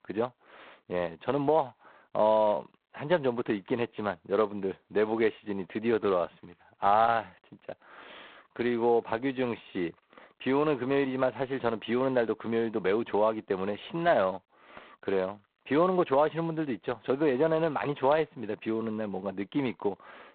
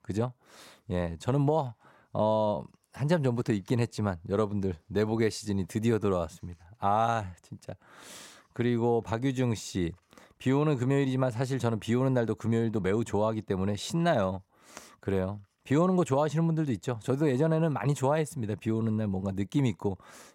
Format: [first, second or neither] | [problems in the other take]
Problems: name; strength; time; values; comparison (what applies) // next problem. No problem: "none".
second | phone-call audio; poor line; nothing above 4 kHz